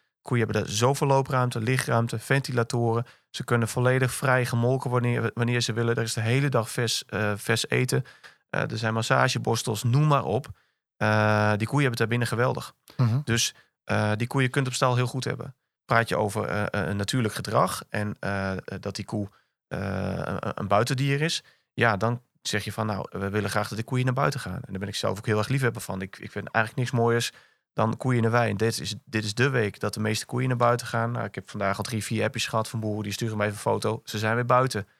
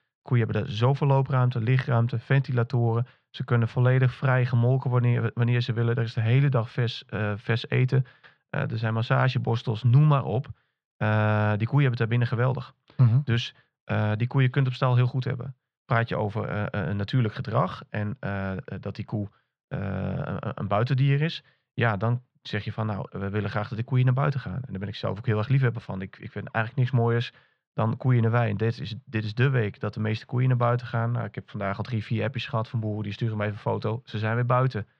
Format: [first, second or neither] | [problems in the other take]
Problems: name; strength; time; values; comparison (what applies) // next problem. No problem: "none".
first | muffled; slightly; fading above 3.5 kHz